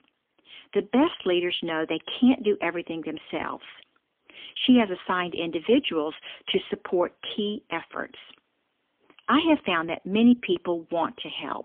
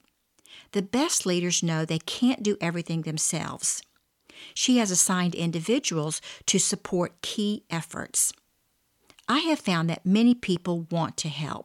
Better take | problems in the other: second | phone-call audio; poor line; nothing above 3.5 kHz

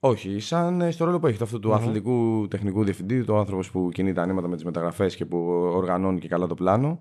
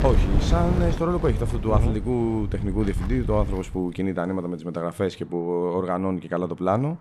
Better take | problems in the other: first | wind in the background; loud; throughout; 2 dB below the speech

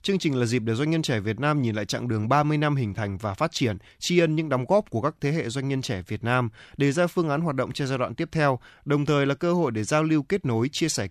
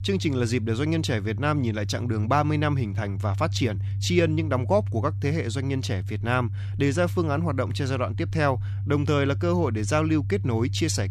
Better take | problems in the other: first | low rumble; noticeable; throughout; 20 dB below the speech

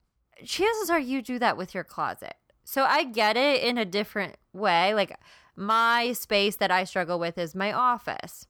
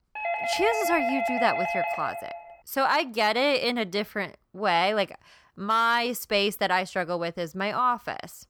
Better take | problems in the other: first | doorbell; noticeable; until 2.5 s; peak 1 dB below the speech

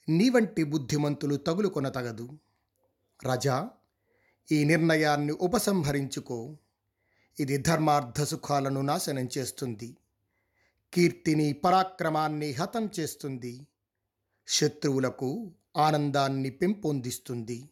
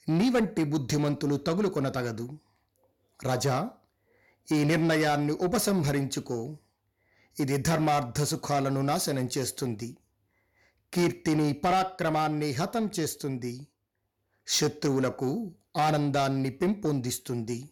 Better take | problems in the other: first | distortion; slight; 10 dB below the speech

